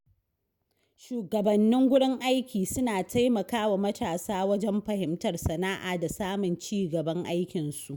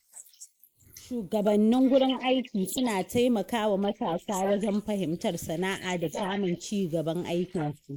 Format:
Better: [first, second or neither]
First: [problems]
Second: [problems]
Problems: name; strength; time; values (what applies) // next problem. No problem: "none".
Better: first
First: none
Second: noise reduction (neural mask model Resemble Enhance denoiser)